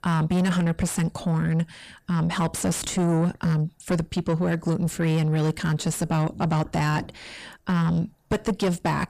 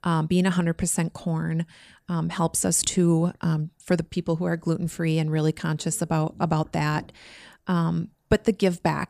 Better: second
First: distortion; heavy; 7 dB below the speech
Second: none

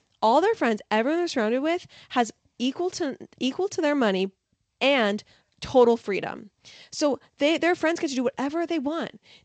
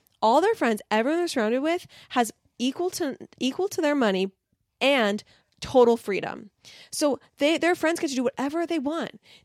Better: second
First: garbled, watery; slightly; nothing above 7.5 kHz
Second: none

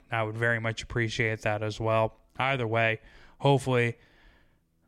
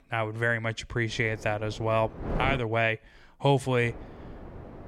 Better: first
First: none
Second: wind noise on the microphone; occasional gusts; from 1 to 2.5 s and from 4 s on; 15 dB below the speech

